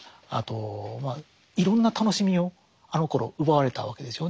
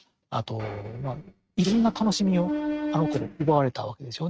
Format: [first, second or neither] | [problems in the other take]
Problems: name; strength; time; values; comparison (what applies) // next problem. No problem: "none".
first | noise reduction (neural mask model RNNoise)